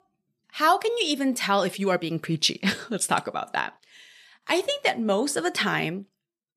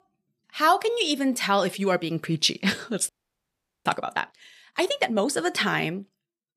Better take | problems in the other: first | audio freezing; at 3 s for 1 s

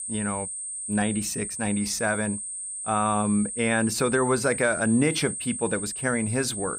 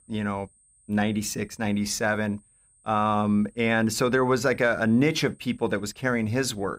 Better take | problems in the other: second | high-pitched whine; loud; throughout; 8.5 kHz, 5 dB below the speech; faint in the second

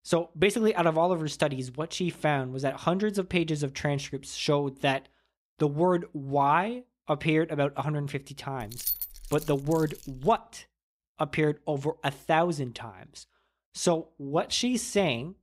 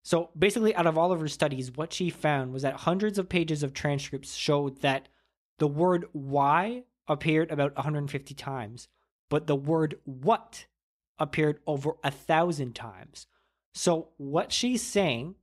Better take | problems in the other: second | jangling keys; noticeable; from 8.5 to 10 s; peak 1 dB below the speech

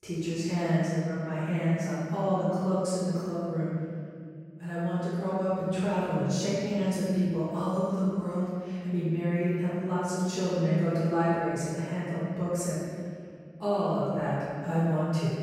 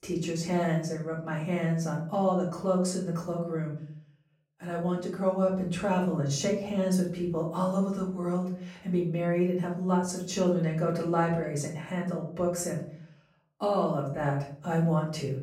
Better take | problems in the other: second | room echo; strong; dies away in 2.1 s; slight in the second // off-mic speech; far; far in the second

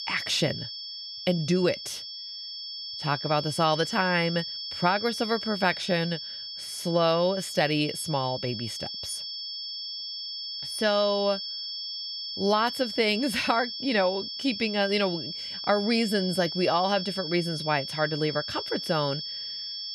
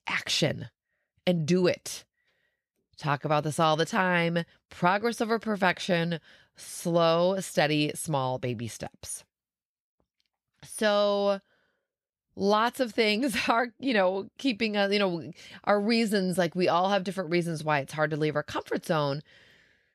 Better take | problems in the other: second | high-pitched whine; loud; throughout; 5.5 kHz, 6 dB below the speech

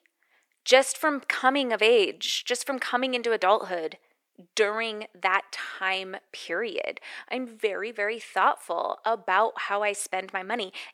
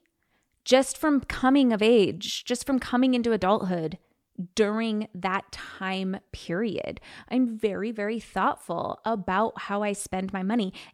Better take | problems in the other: second | thin; somewhat; fading below 450 Hz

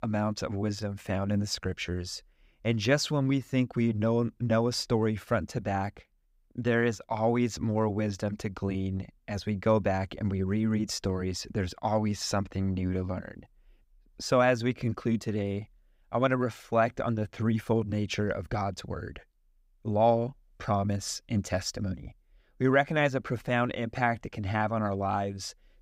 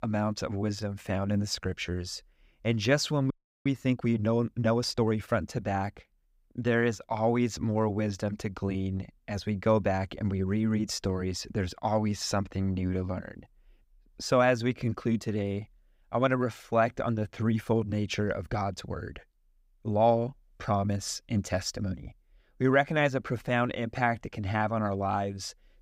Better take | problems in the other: first | audio freezing; at 3.5 s

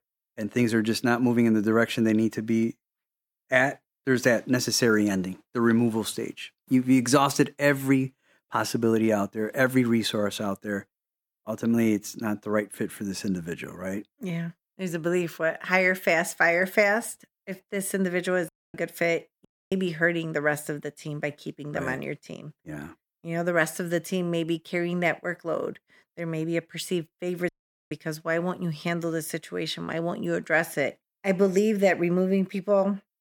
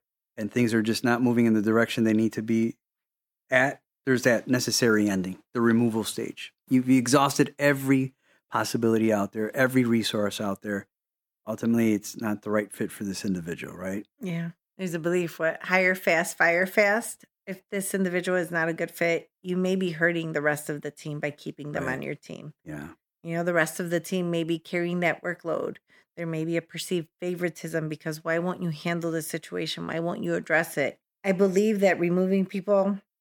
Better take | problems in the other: second | audio cutting out; at 18 s, at 19 s and at 27 s

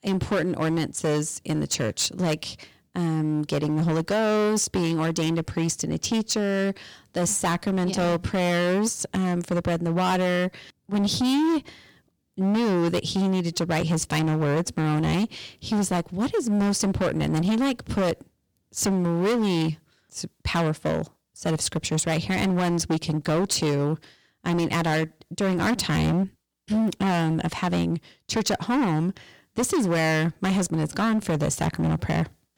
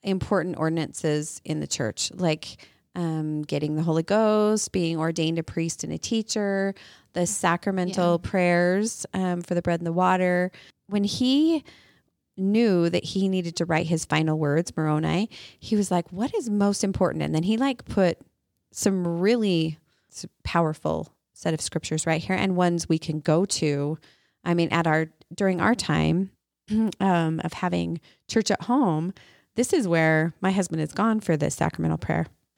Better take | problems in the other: second | distortion; heavy; 19% of the sound clipped

